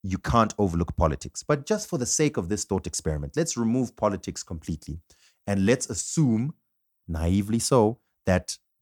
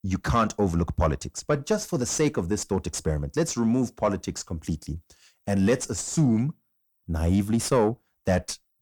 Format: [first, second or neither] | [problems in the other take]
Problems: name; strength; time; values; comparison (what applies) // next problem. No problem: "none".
first | distortion; slight; 10 dB below the speech